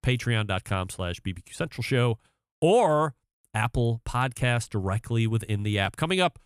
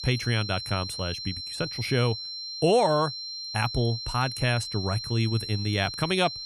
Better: first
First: none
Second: high-pitched whine; loud; throughout; 4 kHz, 6 dB below the speech

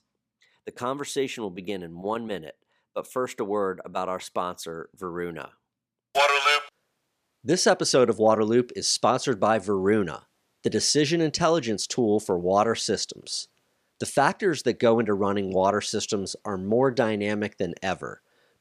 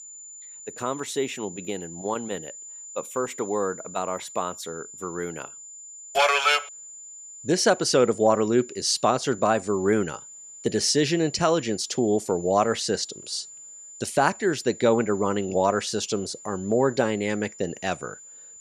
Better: first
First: none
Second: high-pitched whine; noticeable; throughout; 7 kHz, 15 dB below the speech

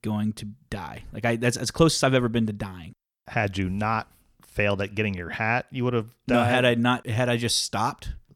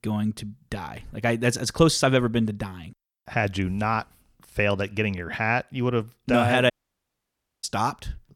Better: first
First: none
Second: audio cutting out; at 6.5 s for 1 s

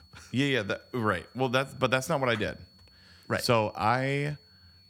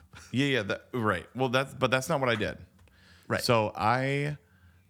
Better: second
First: high-pitched whine; faint; throughout; 4.5 kHz, 30 dB below the speech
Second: none

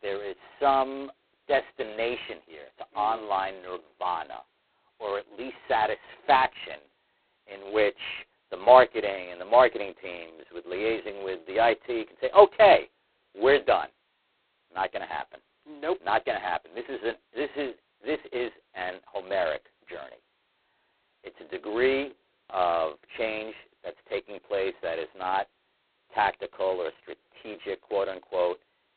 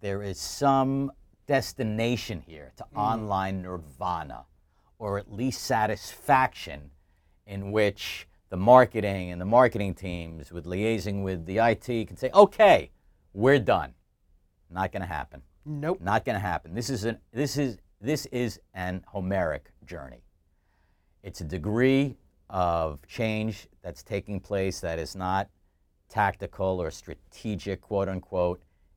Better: second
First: phone-call audio; poor line; nothing above 4 kHz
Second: none

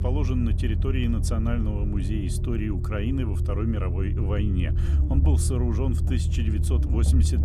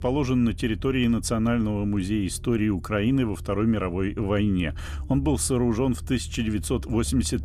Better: second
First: low rumble; loud; throughout; 6 dB below the speech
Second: low rumble; faint; throughout; 25 dB below the speech

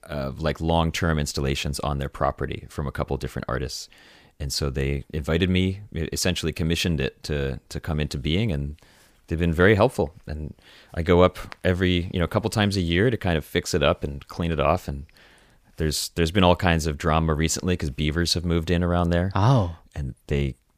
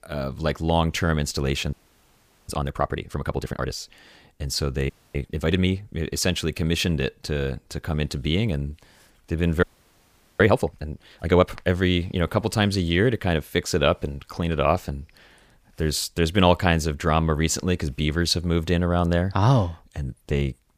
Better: first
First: none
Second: audio freezing; at 1.5 s for 1 s, at 5 s and at 9.5 s for 1 s

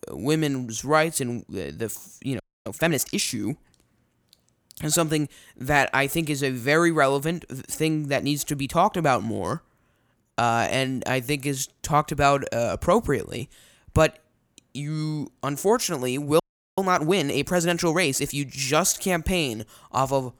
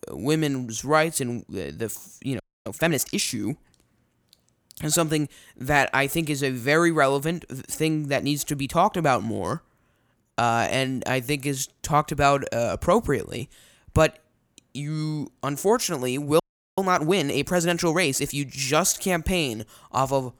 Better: neither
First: audio freezing; at 2.5 s and at 16 s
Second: audio freezing; at 2.5 s and at 16 s

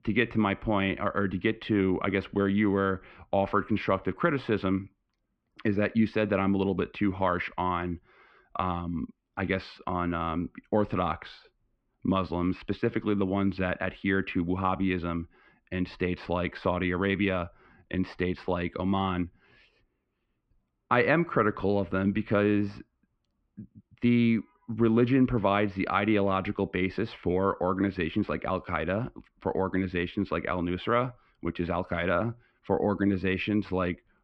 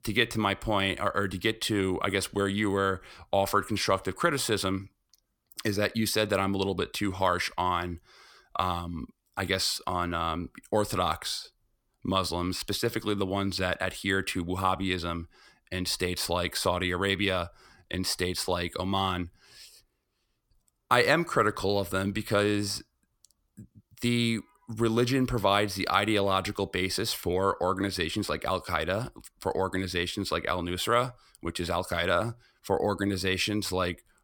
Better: second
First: muffled; very; fading above 2.5 kHz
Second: none

